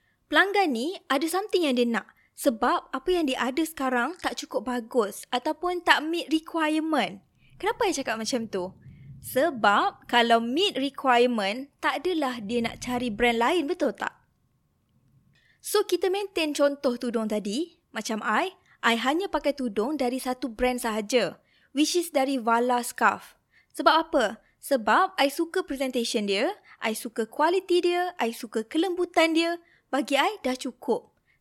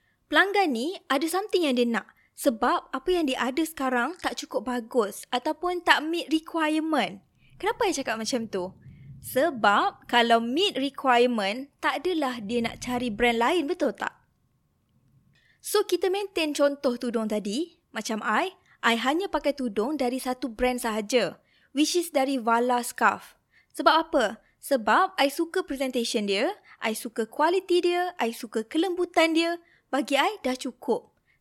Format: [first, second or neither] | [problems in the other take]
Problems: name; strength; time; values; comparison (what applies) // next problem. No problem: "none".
neither | none